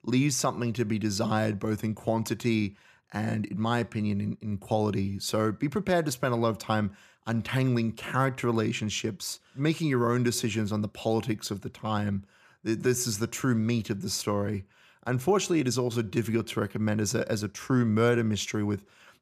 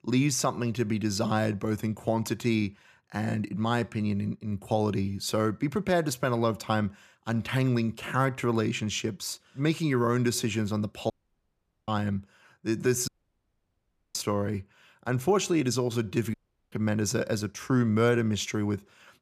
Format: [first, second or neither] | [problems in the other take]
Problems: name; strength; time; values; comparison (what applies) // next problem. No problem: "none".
first | audio cutting out; at 11 s for 1 s, at 13 s for 1 s and at 16 s